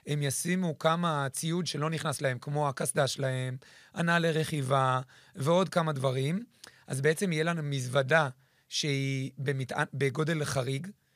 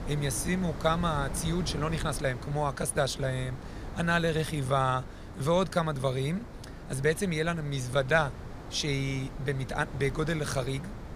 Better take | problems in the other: first | wind noise on the microphone; occasional gusts; 15 dB below the speech

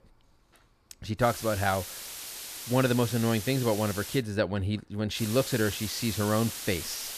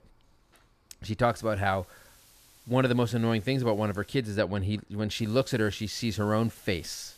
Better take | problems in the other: second | hiss; loud; from 1 to 4 s and from 5 s on; 8 dB below the speech; faint in the second

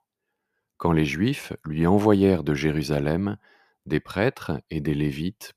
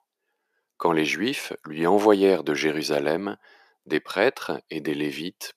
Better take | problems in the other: first | thin; somewhat; fading below 400 Hz

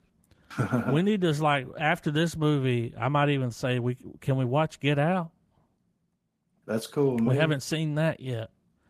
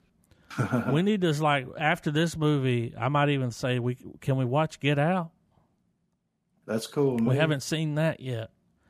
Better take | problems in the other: second | garbled, watery; slightly; nothing above 14.5 kHz

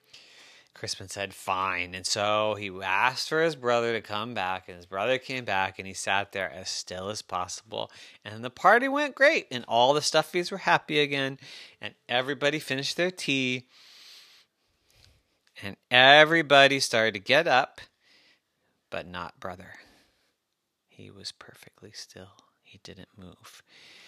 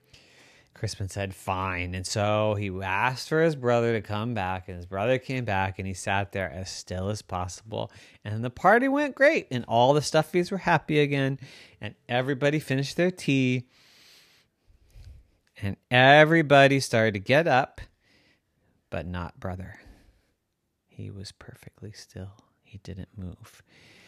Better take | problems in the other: second | thin; very slightly; fading below 950 Hz

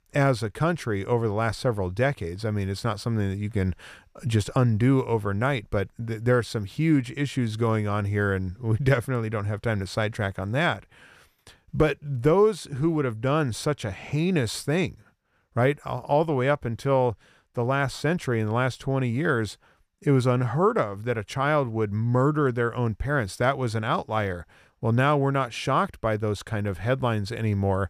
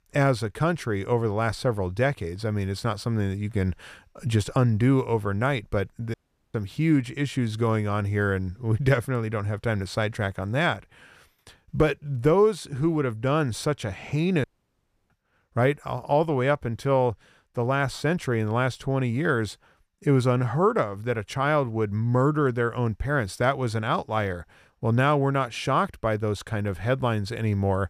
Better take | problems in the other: first | audio cutting out; at 6 s and at 14 s for 0.5 s

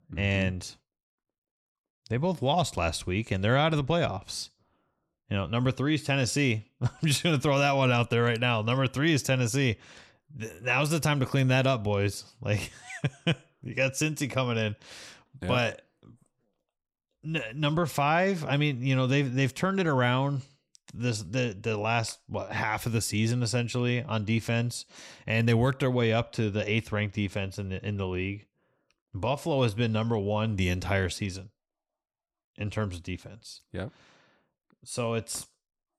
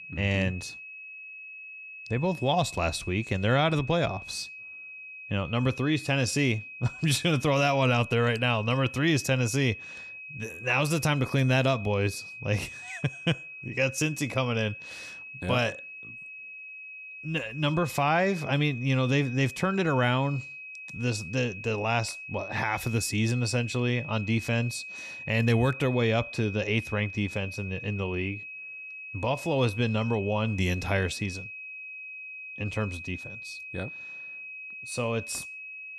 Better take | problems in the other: first | high-pitched whine; noticeable; throughout; 2.5 kHz, 10 dB below the speech

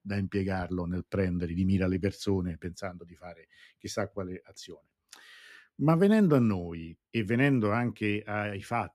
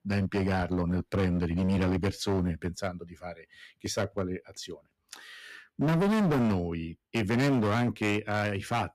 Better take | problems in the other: first | distortion; heavy; 15% of the sound clipped

